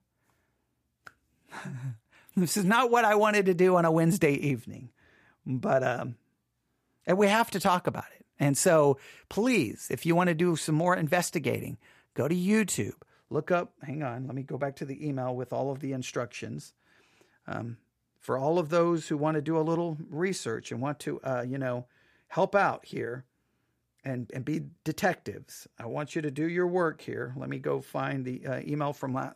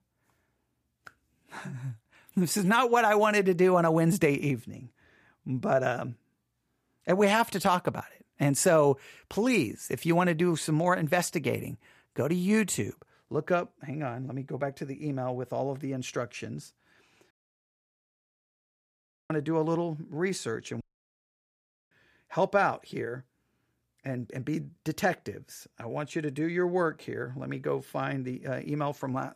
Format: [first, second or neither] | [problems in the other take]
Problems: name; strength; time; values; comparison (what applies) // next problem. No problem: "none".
first | audio cutting out; at 17 s for 2 s and at 21 s for 1 s